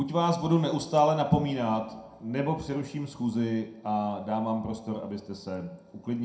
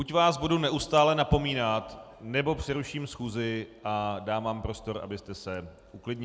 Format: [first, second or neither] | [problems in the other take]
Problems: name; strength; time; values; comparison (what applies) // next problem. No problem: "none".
second | room echo; dies away in 0.4 s